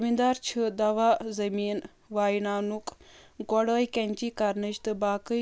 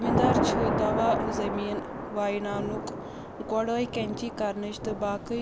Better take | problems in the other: first | background sound (Thunder / Rain); as loud as the speech

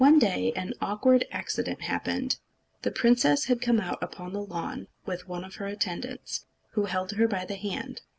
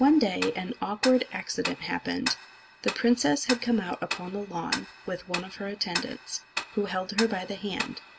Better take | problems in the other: first | background sound (Tick-tock); 9 dB below the speech

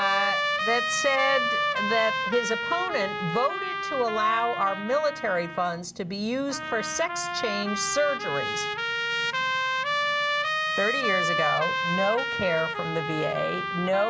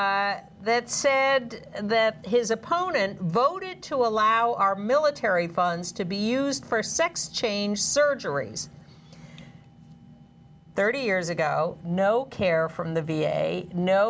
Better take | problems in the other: second | background sound (Trumpet); as loud as the speech

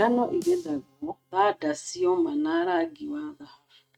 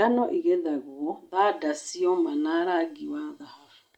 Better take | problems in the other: second | noise reduction (neural mask model RNNoise)

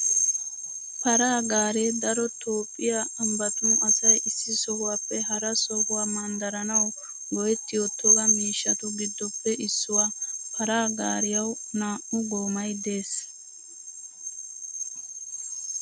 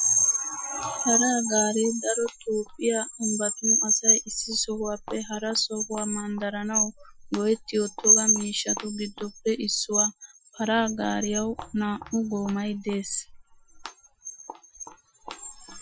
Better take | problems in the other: first | noise reduction (classical method Wiener filter)

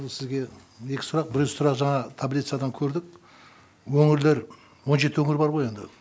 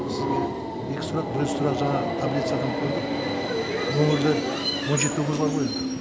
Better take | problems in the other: first | background sound (Subway, metro, underground); 1 dB above the speech

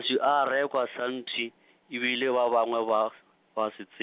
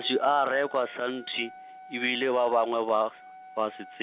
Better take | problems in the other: first | background sound (Wind instrument, woodwind instrument); 19 dB below the speech

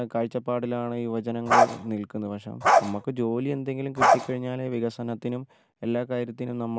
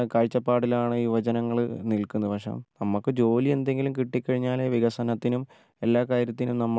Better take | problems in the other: second | background sound (Bark); 5 dB above the speech

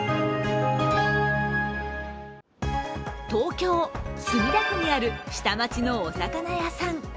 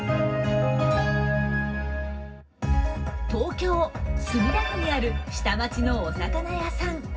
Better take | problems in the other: first | room echo; dies away in 0.4 s

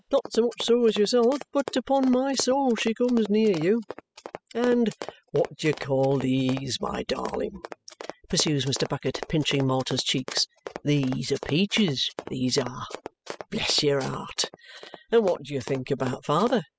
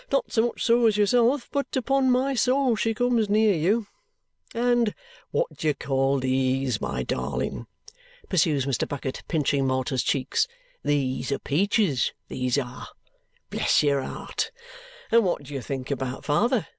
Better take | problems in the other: second | noise reduction (classical method spectral subtraction)

